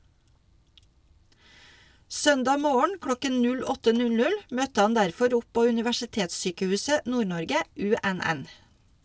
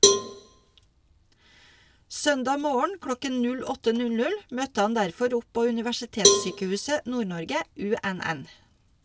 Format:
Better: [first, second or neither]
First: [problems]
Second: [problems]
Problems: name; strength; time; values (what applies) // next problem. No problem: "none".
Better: first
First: none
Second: background sound (Cowbell); as loud as the speech